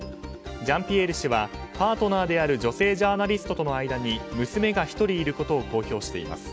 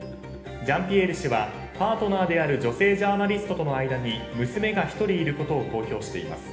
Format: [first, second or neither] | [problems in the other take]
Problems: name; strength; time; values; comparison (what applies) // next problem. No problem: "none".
first | room echo; dies away in 1.1 s